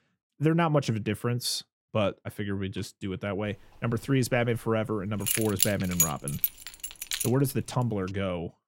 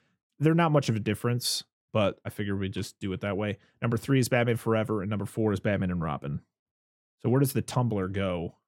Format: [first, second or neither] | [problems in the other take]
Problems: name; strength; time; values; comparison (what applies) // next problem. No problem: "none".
second | jangling keys; loud; from 5.5 to 7.5 s; peak 4 dB above the speech